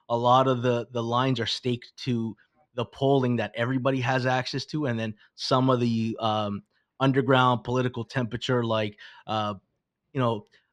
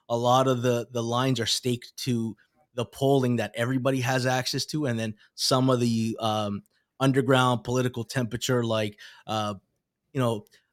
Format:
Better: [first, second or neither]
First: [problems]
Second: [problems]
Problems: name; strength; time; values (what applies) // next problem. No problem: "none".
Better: second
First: muffled; very slightly; fading above 3 kHz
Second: none